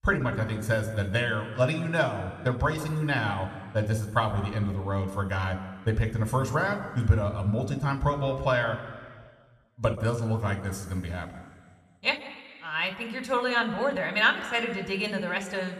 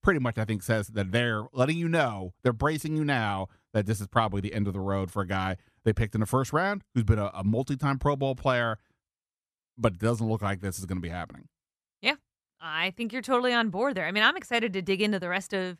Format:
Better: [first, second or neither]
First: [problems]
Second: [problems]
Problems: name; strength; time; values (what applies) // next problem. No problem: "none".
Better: second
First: room echo; slight; dies away in 1.7 s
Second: none